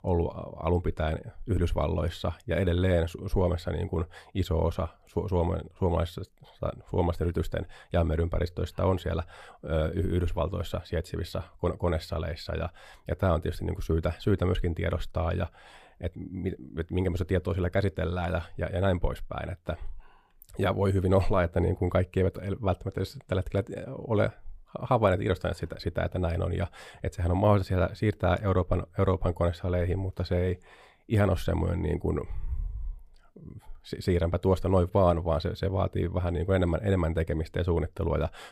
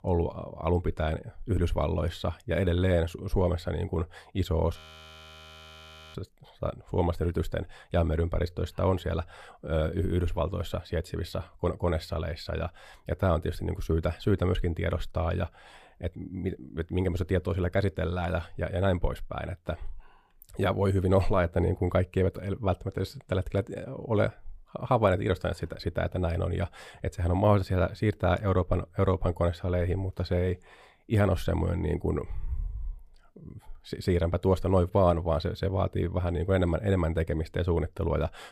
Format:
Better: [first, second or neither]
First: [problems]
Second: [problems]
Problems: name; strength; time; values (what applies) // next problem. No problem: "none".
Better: first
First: none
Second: audio freezing; at 5 s for 1.5 s